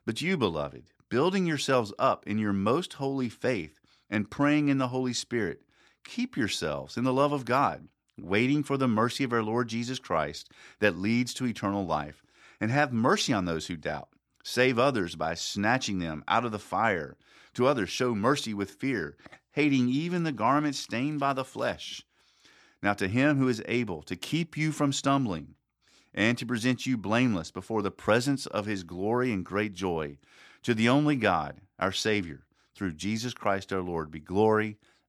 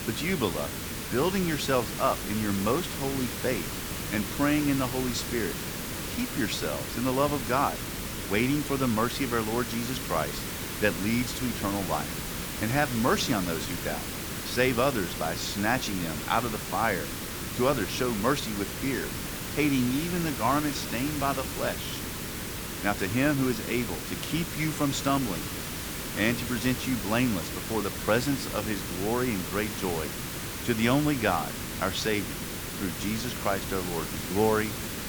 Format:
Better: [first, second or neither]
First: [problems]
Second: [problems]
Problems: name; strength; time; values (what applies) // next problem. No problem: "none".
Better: first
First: none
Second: hiss; loud; throughout; 4 dB below the speech